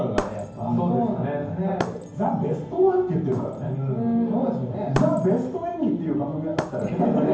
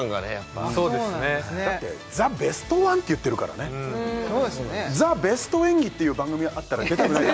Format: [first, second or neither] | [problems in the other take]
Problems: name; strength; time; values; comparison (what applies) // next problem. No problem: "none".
second | background sound (Shatter); 13 dB below the speech // room echo; dies away in 0.9 s